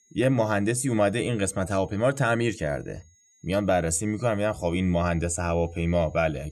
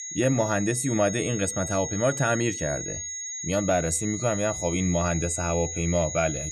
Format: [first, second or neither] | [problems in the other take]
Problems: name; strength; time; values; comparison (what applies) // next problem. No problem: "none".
first | high-pitched whine; loud; throughout; 6.5 kHz, 6 dB below the speech; faint in the first